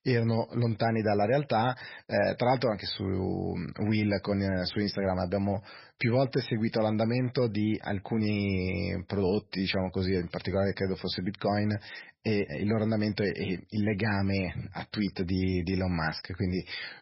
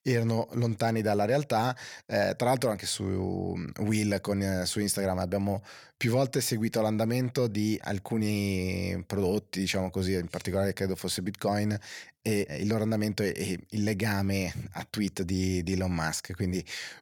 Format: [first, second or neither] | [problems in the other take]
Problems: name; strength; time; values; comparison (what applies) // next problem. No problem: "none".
second | garbled, watery; badly; nothing above 5.5 kHz